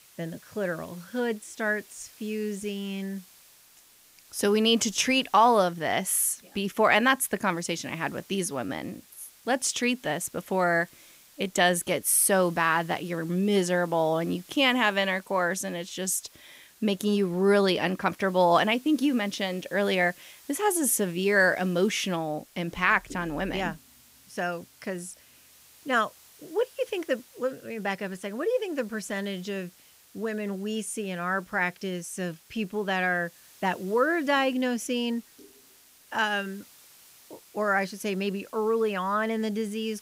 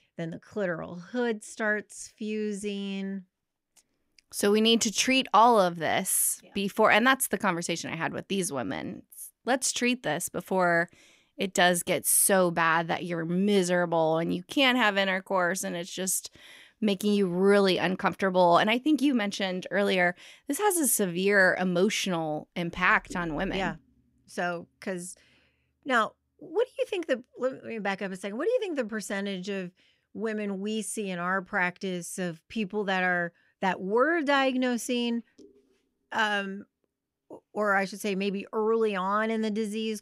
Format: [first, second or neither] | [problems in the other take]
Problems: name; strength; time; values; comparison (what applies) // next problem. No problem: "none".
second | hiss; faint; throughout; 25 dB below the speech